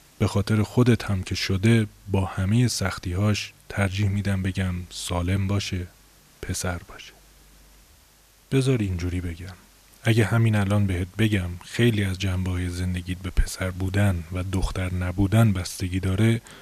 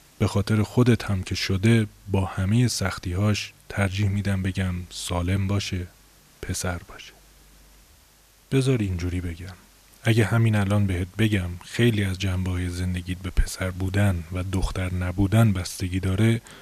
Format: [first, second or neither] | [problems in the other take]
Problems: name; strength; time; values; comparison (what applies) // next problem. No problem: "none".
neither | hiss; faint; throughout; 30 dB below the speech; the same in both